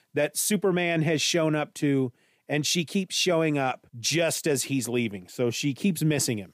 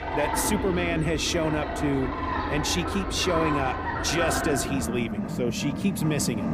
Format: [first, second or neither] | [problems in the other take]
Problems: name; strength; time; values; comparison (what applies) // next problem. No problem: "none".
first | animal sounds; loud; throughout; 2 dB below the speech